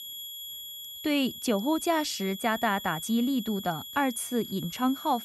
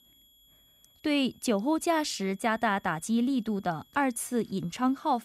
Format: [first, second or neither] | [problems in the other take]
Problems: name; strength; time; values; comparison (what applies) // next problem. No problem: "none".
second | high-pitched whine; loud; throughout; 3.5 kHz, 10 dB below the speech; faint in the second